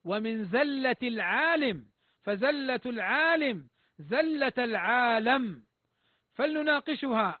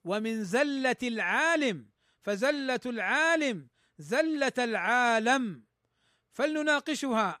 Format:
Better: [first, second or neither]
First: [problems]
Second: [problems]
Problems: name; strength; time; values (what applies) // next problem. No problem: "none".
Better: second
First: garbled, watery; badly; nothing above 4 kHz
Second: none